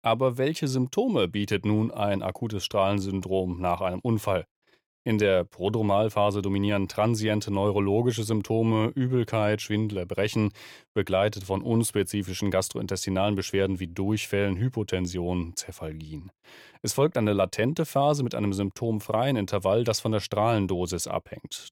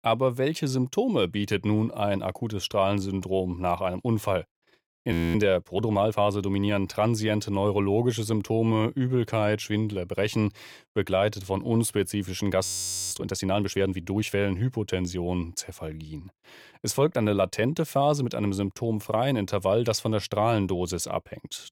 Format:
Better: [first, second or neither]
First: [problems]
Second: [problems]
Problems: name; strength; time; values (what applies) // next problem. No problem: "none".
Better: first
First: none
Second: audio freezing; at 5 s and at 13 s